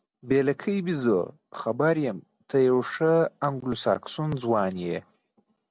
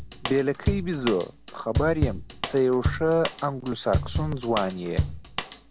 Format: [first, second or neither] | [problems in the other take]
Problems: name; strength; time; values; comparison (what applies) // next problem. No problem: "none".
first | background sound (Drum / Drum kit); 4 dB below the speech